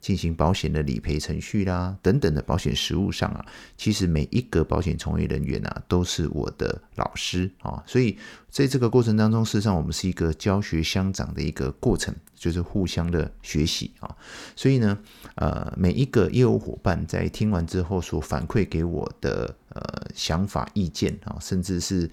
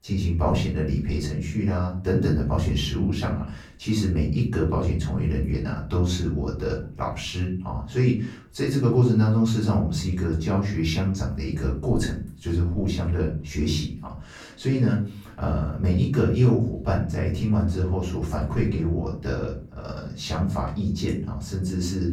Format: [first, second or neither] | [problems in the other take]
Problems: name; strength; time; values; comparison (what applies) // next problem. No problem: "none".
first | off-mic speech; far // room echo; slight; dies away in 0.5 s